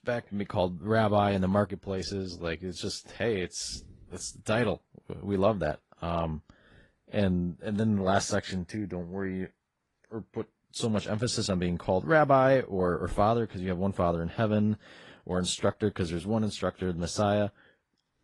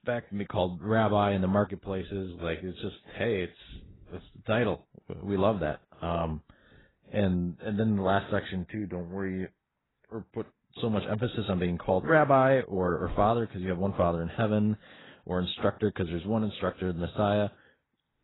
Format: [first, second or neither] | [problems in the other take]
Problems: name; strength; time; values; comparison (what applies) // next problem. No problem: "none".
first | garbled, watery; badly; nothing above 4 kHz; slightly in the first